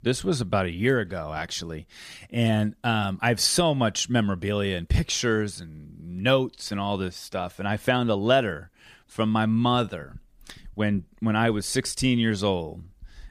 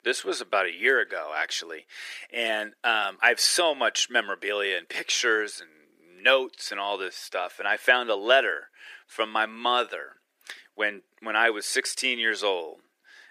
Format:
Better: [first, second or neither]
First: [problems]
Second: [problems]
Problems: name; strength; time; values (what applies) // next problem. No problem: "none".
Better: first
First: none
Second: thin; very; fading below 350 Hz